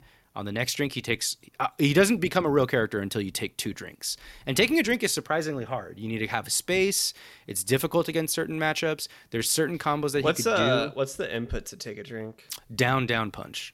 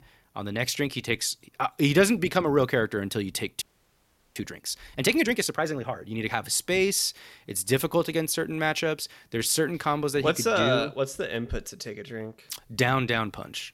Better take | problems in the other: first | audio freezing; at 3.5 s for 0.5 s

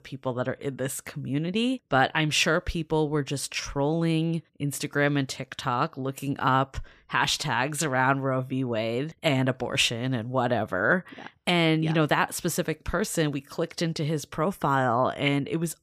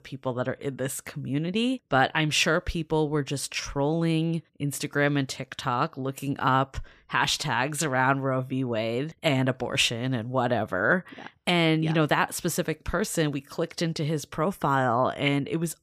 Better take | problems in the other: neither | none

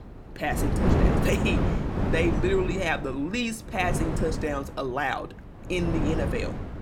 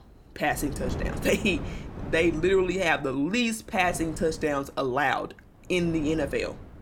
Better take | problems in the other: second | wind noise on the microphone; heavy; 4 dB below the speech; occasional gusts in the second

